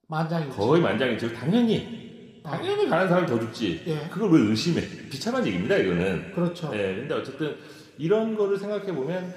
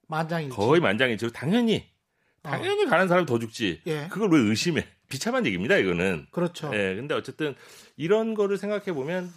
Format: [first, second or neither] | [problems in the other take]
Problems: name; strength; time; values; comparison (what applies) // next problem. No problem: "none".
second | room echo; slight; dies away in 2.2 s